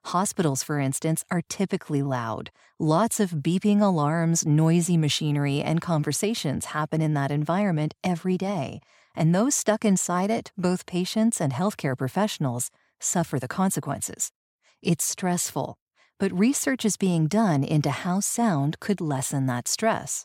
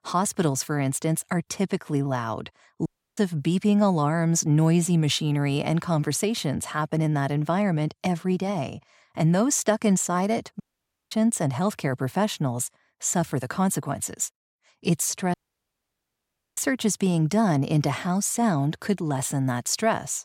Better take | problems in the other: first | audio cutting out; at 3 s, at 11 s for 0.5 s and at 15 s for 1 s

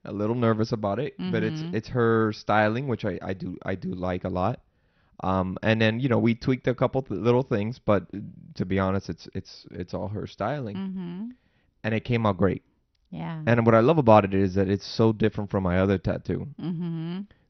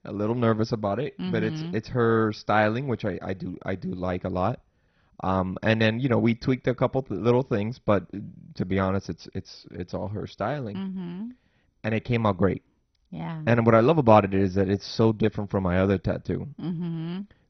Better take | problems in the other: first | garbled, watery; badly; nothing above 6 kHz; slightly in the first

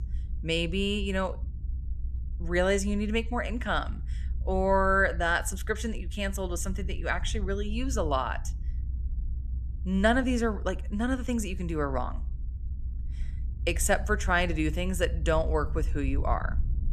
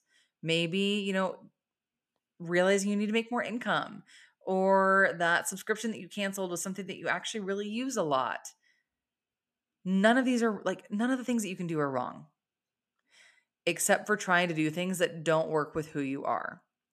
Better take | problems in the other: second | low rumble; faint; throughout; 25 dB below the speech

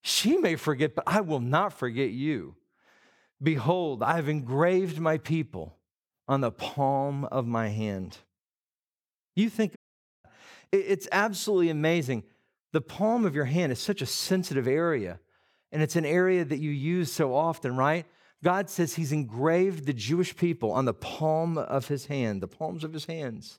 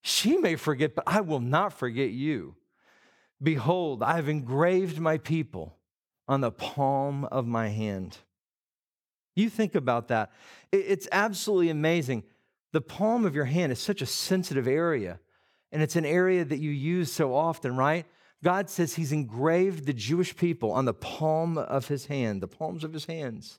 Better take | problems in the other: second | audio cutting out; at 10 s

